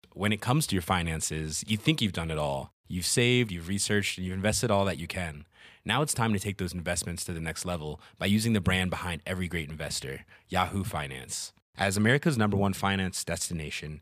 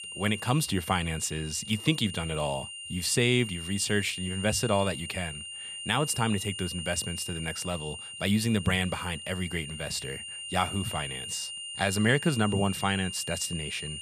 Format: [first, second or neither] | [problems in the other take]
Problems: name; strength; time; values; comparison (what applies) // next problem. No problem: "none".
first | high-pitched whine; loud; throughout; 3 kHz, 8 dB below the speech